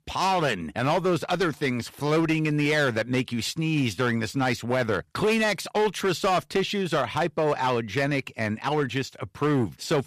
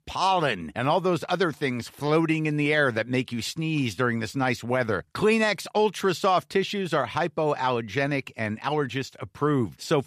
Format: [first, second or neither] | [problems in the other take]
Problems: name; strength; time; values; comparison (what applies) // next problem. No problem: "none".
second | distortion; slight; 11% of the sound clipped